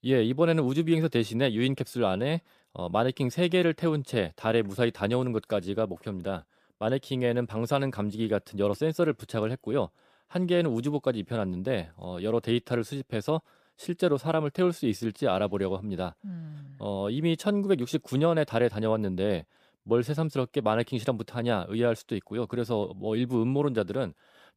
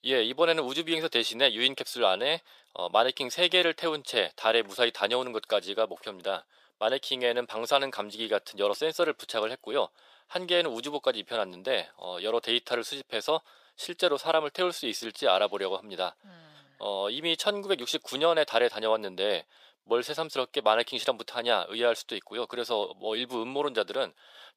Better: first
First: none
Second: thin; very; fading below 650 Hz

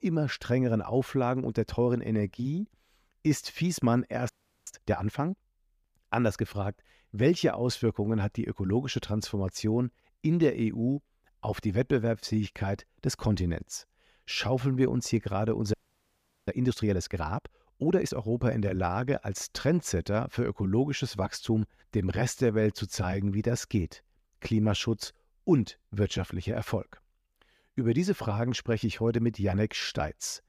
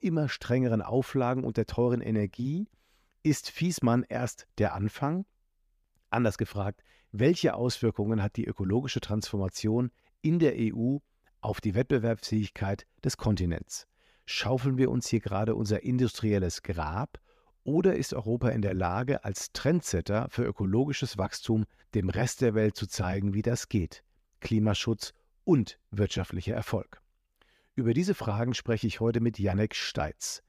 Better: second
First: audio freezing; at 4.5 s and at 16 s for 0.5 s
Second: none

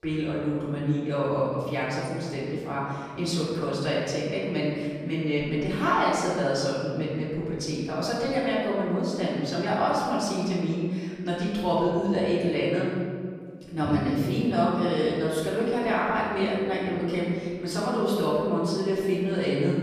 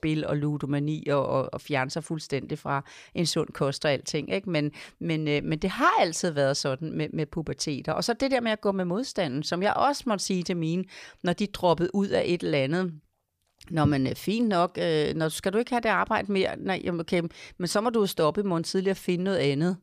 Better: second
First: off-mic speech; far // room echo; strong; dies away in 1.8 s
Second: none

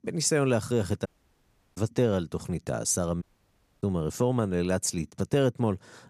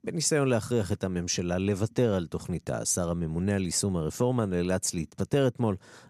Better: second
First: audio cutting out; at 1 s for 0.5 s and at 3 s for 0.5 s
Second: none

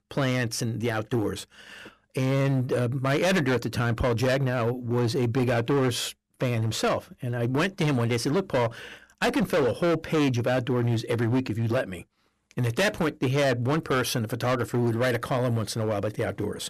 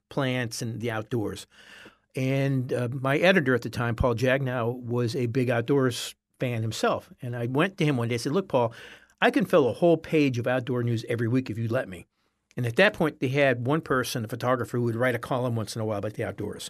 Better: second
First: distortion; heavy; 14% of the sound clipped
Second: none

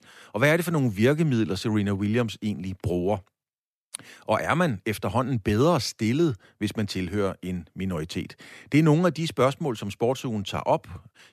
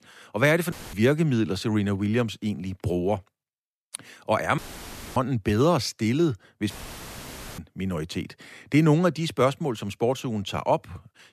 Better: first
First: none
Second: audio cutting out; filled with static; at 0.5 s, at 4.5 s for 0.5 s and at 6.5 s for 1 s

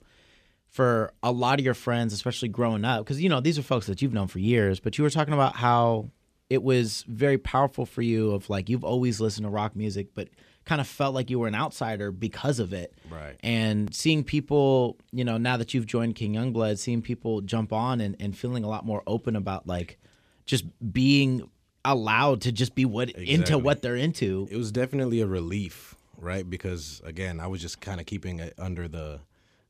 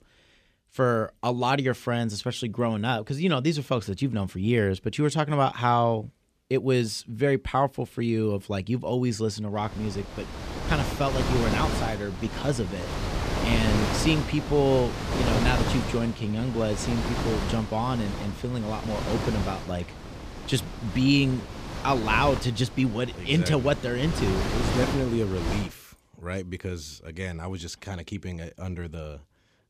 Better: first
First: none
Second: wind noise on the microphone; heavy; from 9.5 to 26 s; 5 dB below the speech

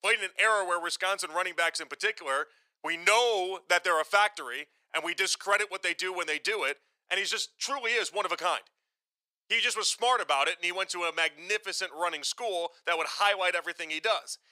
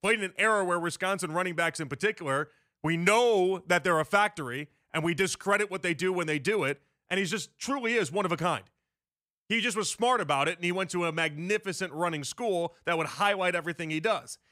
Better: second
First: thin; very; fading below 500 Hz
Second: none

